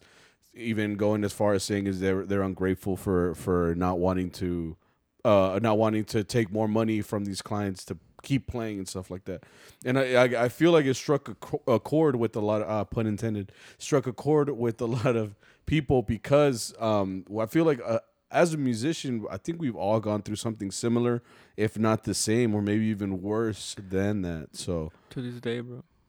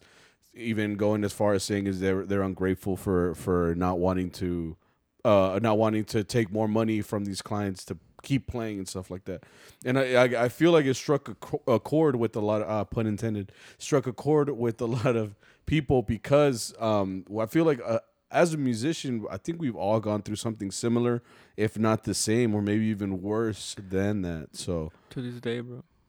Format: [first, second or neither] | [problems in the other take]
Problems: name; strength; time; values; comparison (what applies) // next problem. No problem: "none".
neither | none